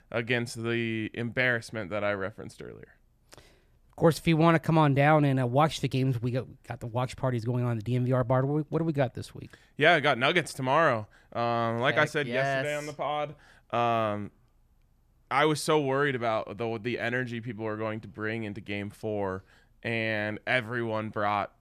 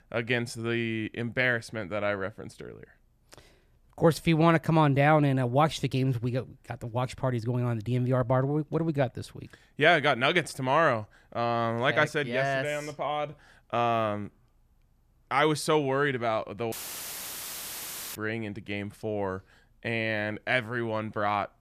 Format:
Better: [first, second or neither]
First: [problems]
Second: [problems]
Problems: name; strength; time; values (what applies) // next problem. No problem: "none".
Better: first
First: none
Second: audio cutting out; filled with static; at 17 s for 1.5 s